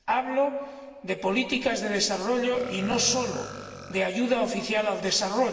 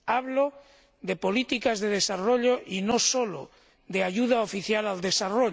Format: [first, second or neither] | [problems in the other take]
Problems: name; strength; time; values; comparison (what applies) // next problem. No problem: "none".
second | background sound (Burping, eructation); 16 dB below the speech // room echo; dies away in 1.9 s